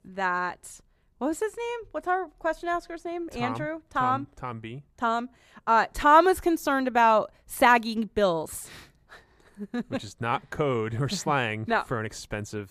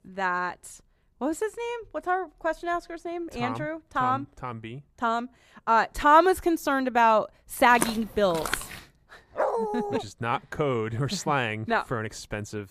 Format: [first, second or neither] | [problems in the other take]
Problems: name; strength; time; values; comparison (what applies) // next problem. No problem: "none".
first | footsteps; noticeable; at 8 s; peak 4 dB below the speech // dog barking; noticeable; at 9.5 s; peak 1 dB below the speech